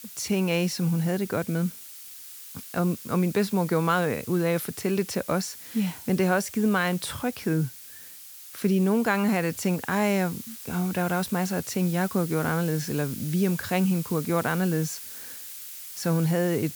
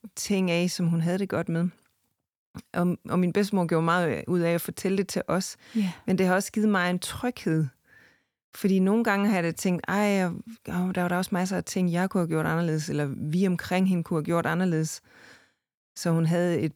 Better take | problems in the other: second | hiss; noticeable; throughout; 10 dB below the speech

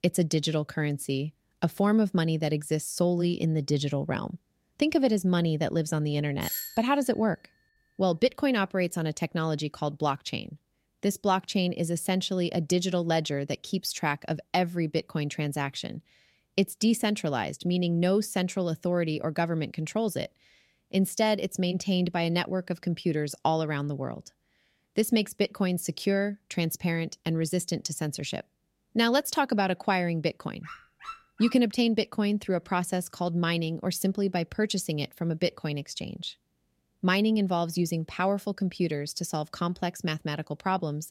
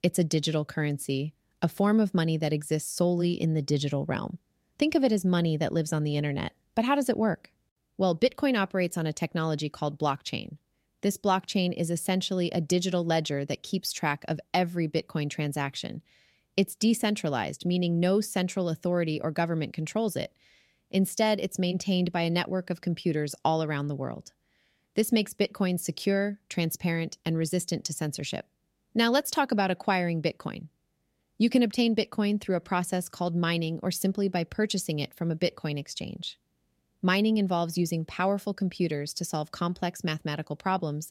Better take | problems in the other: second | doorbell; noticeable; at 6.5 s; peak 4 dB below the speech // dog barking; faint; at 31 s; peak 15 dB below the speech

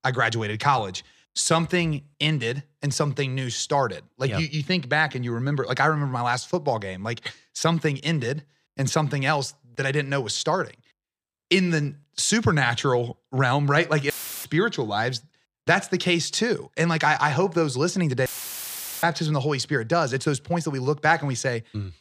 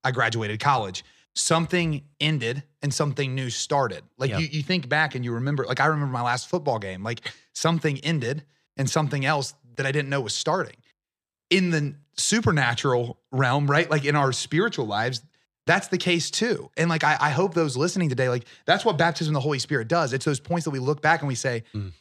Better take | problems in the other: second | audio cutting out; filled with static; at 14 s and at 18 s for 1 s

